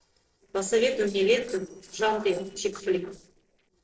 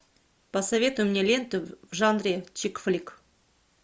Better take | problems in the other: second | noise reduction (neural separator model SepFormer DNS4)

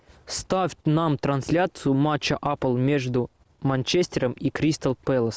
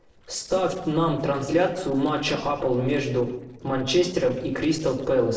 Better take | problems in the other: first | noise reduction (neural separator model SepFormer DNS4)

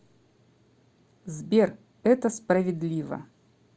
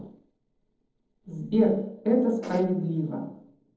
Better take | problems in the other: first | noise reduction (neural separator model SepFormer DNS4)

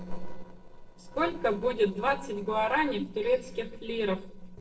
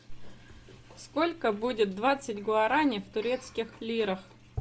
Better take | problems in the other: second | noise reduction (neural separator model SepFormer DNS4)

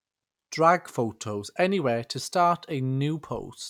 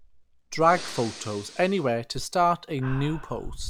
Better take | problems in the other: first | background sound (Breathing); 12 dB below the speech

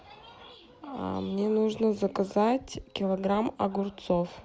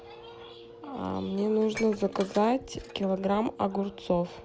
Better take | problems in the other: first | background sound (Wind instrument, woodwind instrument + Dishes, pots, and pans); 17 dB below the speech

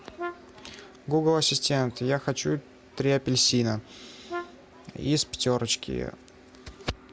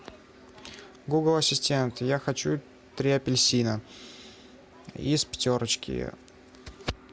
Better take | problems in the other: second | background sound (Brass instrument); 12 dB below the speech

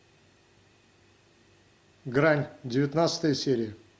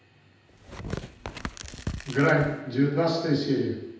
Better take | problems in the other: first | background sound (Tearing); 10 dB below the speech // room echo; dies away in 0.9 s

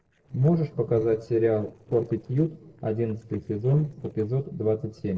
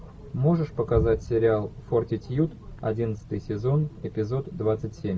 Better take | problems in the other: second | noise reduction (neural separator model SepFormer DNS4)

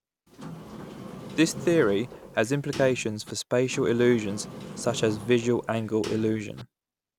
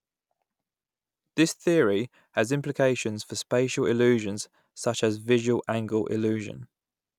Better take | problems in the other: second | background sound (Sliding door); 13 dB below the speech

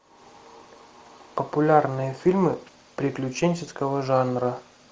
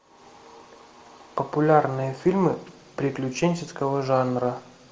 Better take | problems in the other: first | room echo; dies away in 1.1 s

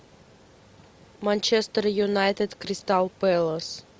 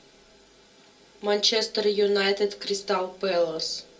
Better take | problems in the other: first | room echo; dies away in 0.2 s

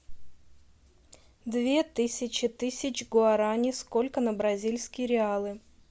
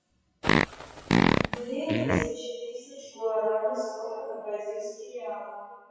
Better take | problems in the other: first | noise reduction (classical method WPE with log-MMSE)

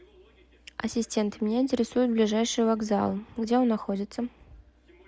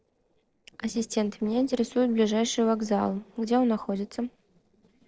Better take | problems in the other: first | noise reduction (neural separator model SepFormer DNS4)

